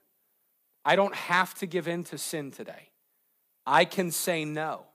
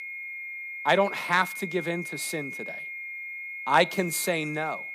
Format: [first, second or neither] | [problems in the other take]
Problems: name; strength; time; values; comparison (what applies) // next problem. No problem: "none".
first | high-pitched whine; loud; throughout; 2 kHz, 8 dB below the speech